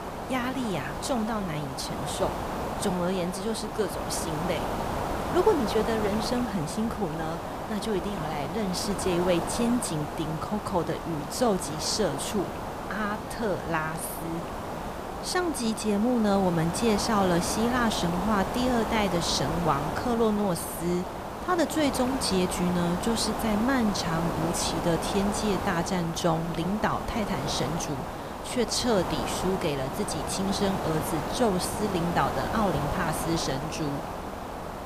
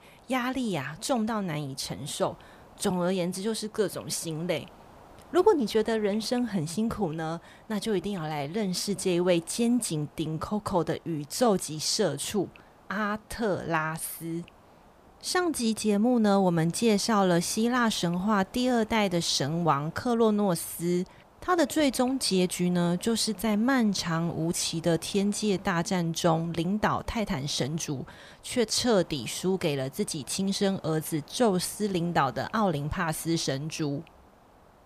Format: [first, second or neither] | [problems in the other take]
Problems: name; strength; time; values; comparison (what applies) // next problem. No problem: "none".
second | hiss; loud; throughout; 4 dB below the speech; faint in the second